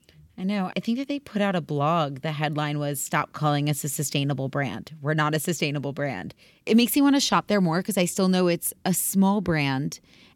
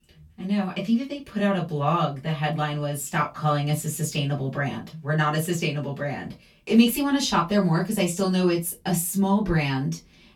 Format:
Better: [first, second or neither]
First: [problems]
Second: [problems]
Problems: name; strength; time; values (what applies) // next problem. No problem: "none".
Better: first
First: none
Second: off-mic speech; far // room echo; very slight; dies away in 0.2 s